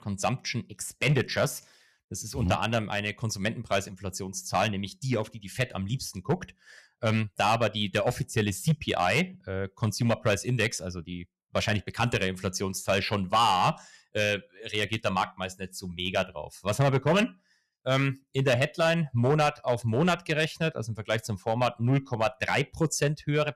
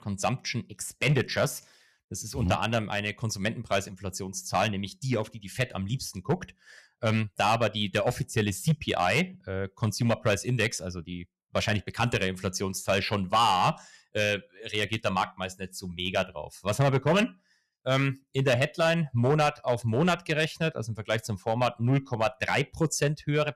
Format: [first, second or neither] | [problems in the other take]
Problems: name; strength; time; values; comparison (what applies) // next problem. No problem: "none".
neither | distortion; slight; 4% of the sound clipped; the same in both